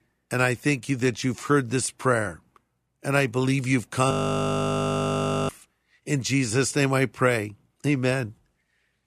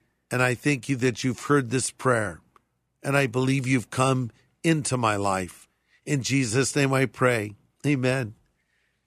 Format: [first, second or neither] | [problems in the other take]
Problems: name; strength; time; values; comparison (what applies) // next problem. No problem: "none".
second | audio freezing; at 4 s for 1.5 s